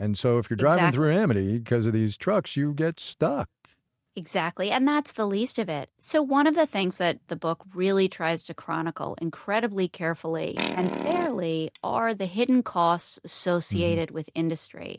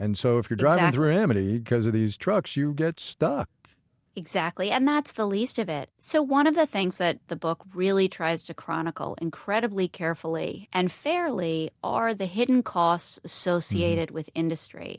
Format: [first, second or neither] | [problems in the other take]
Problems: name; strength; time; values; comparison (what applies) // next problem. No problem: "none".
second | noise reduction (neural mask model RNNoise)